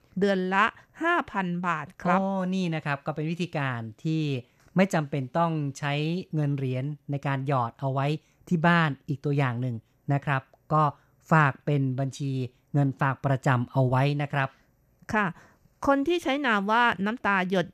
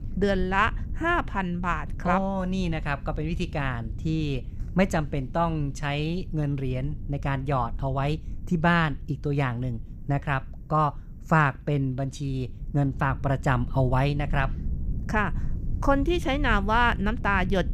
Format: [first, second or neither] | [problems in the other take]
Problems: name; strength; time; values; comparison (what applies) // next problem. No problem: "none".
first | low rumble; faint; throughout; 25 dB below the speech